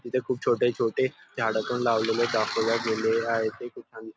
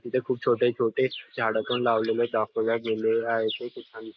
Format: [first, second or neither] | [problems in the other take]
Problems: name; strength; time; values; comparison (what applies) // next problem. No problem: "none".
first | noise reduction (neural mask model Resemble Enhance denoiser)